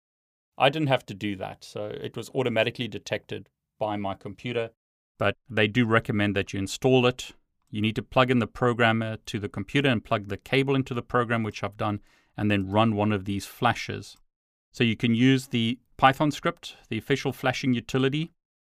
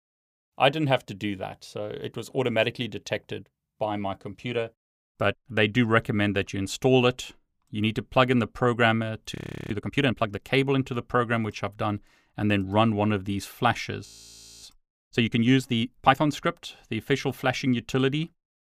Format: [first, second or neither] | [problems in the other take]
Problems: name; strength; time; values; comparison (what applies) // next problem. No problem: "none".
first | audio freezing; at 9.5 s and at 14 s for 0.5 s